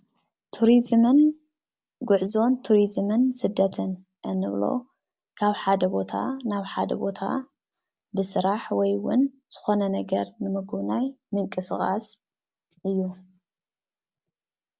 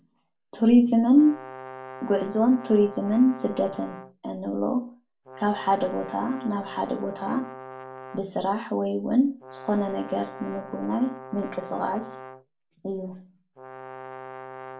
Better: first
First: none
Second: background sound (Brass instrument); 16 dB below the speech // room echo; dies away in 0.3 s

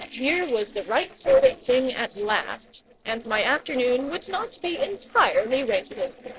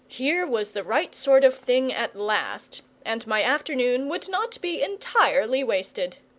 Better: second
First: noise reduction (neural separator model SepFormer DNS4)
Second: none

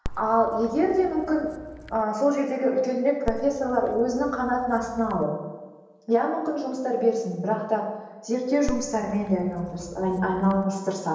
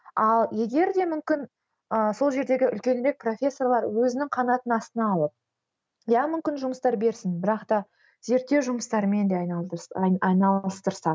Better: second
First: background sound (Dog); 13 dB below the speech // room echo; dies away in 1 s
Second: none

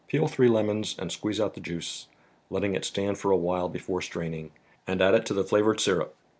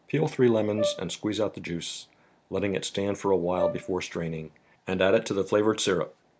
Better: first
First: none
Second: background sound (Brass instrument); 8 dB below the speech

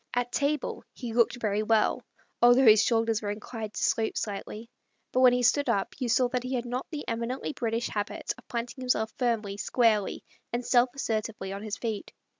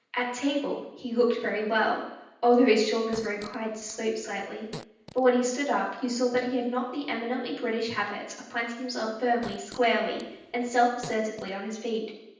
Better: first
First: none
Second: background sound (Fart); 19 dB below the speech // room echo; dies away in 0.9 s

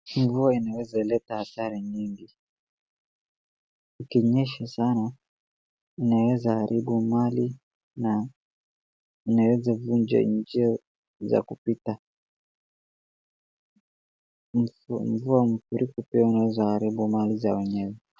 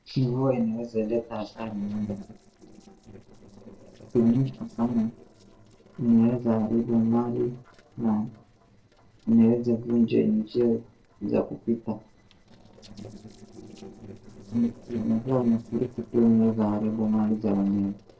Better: first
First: none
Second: noise reduction (neural separator model SepFormer DNS4)

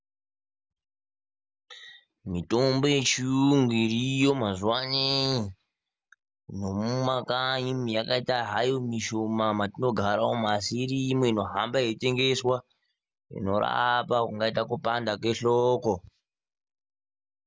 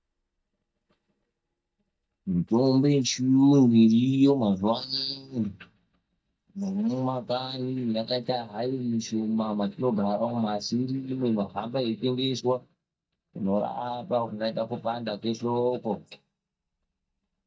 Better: first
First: none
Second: noise reduction (neural mask model DeepFilterNet 3)

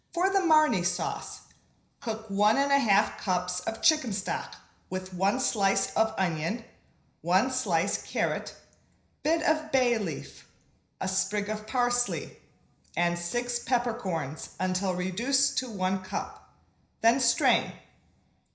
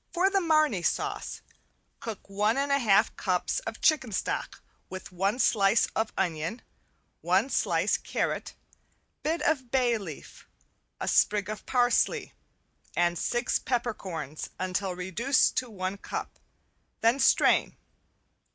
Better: second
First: room echo; dies away in 0.5 s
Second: none

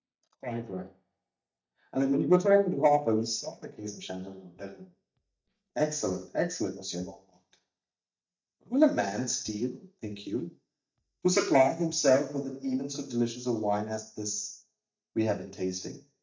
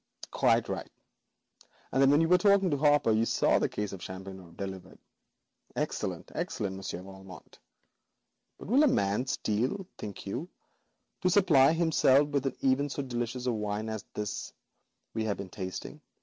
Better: second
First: noise reduction (neural mask model DeepFilterNet 3)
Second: none

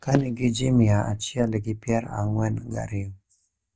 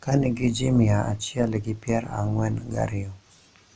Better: second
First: noise reduction (neural mask model DeepFilterNet 3)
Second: none

